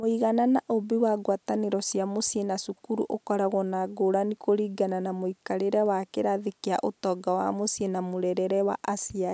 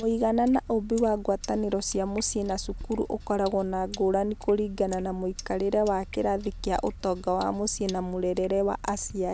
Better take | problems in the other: first | background sound (Sink (filling or washing)); 14 dB below the speech

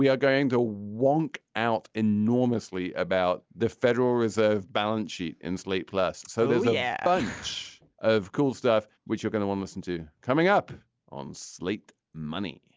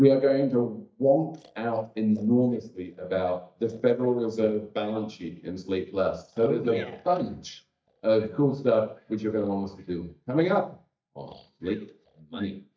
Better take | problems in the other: first | noise reduction (neural mask model DeepFilterNet 3)

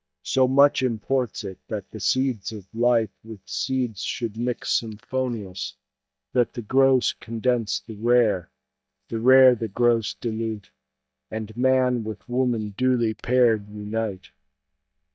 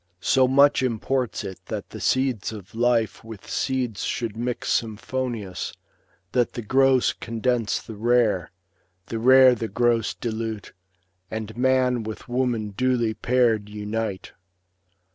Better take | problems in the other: second | noise reduction (neural mask model DeepFilterNet 3)

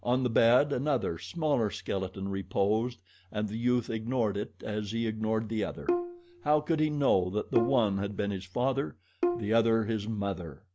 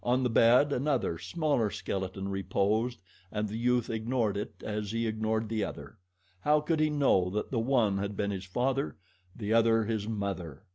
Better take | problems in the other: second | background sound (Bowed string instrument); 6 dB below the speech

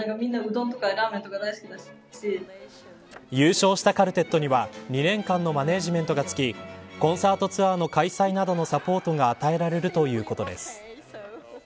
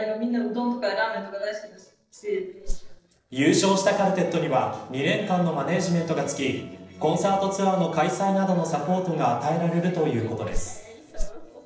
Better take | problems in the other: first | noise reduction (neural separator model SepFormer DNS4)

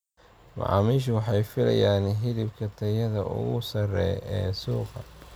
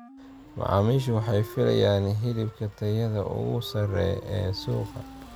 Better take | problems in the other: first | background sound (Wind instrument, woodwind instrument); 19 dB below the speech

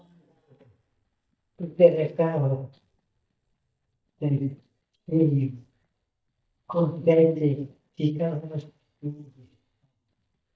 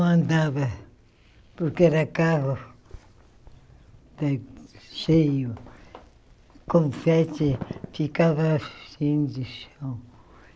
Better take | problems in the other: second | noise reduction (neural mask model DeepFilterNet 3)

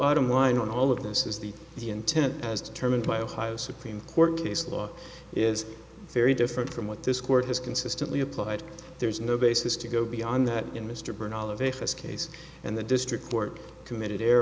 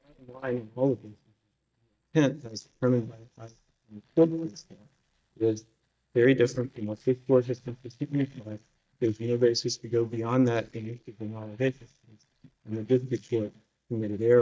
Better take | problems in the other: first | noise reduction (neural mask model DeepFilterNet 3)

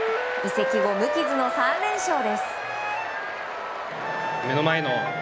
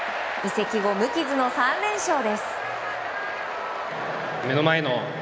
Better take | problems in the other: second | background sound (Wind instrument, woodwind instrument); 2 dB below the speech

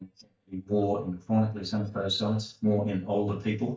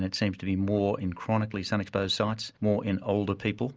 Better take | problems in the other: second | noise reduction (neural mask model DeepFilterNet 3)

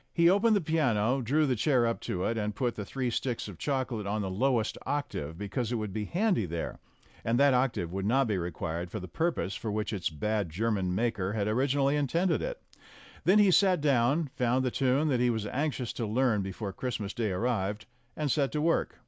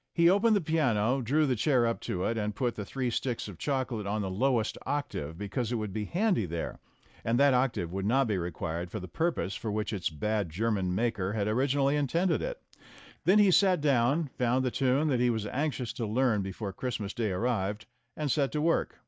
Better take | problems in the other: first | noise reduction (neural mask model DeepFilterNet 3)

